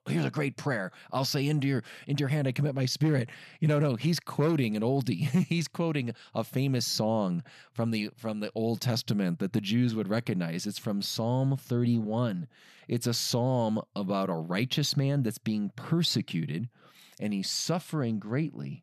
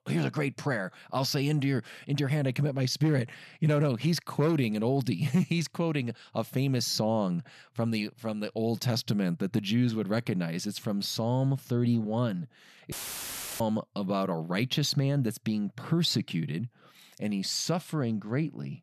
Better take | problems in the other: first | audio cutting out; filled with static; at 13 s for 0.5 s

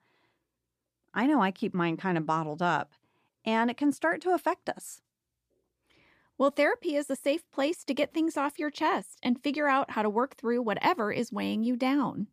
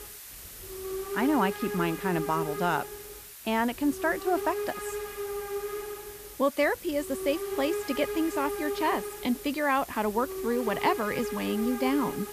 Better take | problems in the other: first | hiss; loud; throughout; 7 dB below the speech

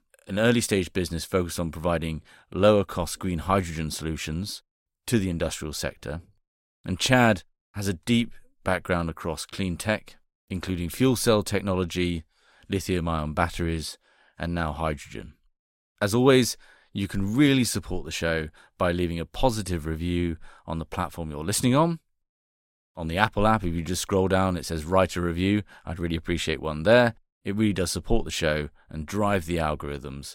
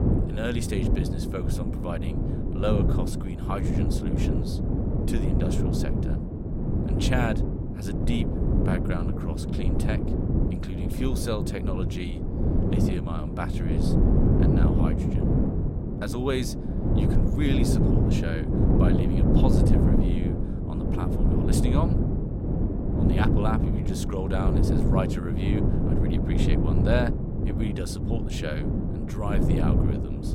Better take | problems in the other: first | wind noise on the microphone; heavy; 1 dB above the speech

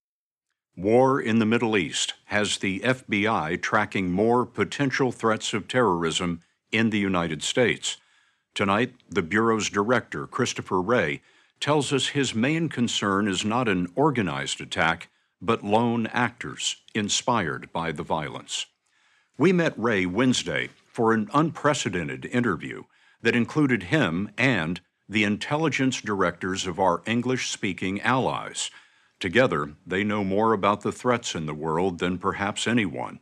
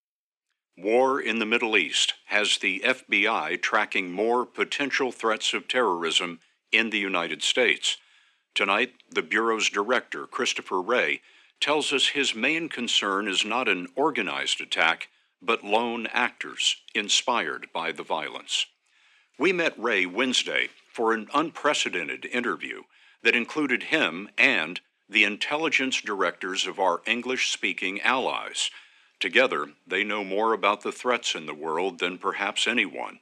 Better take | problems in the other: first | thin; somewhat; fading below 300 Hz

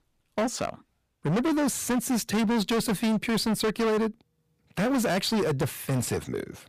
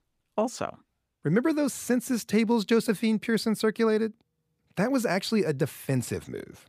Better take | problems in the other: second | distortion; heavy; 22% of the sound clipped

